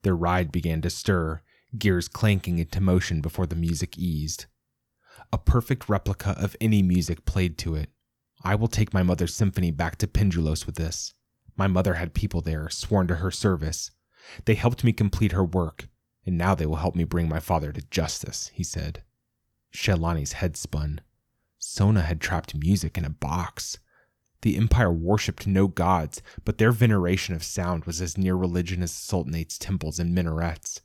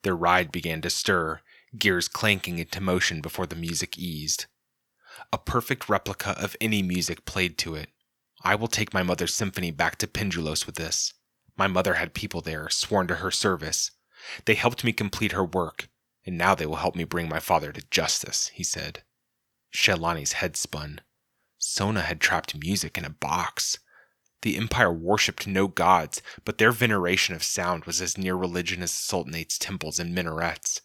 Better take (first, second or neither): first